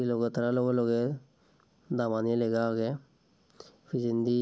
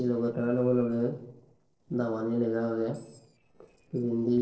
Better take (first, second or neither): first